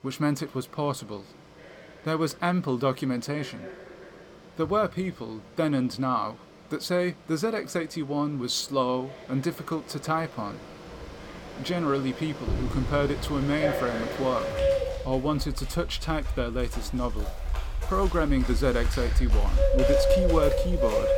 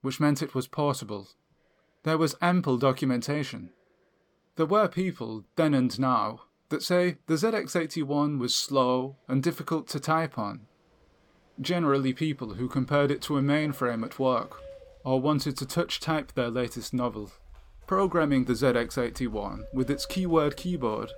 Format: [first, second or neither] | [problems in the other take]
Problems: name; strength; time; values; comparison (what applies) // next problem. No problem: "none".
second | animal sounds; loud; throughout; 1 dB below the speech; faint in the second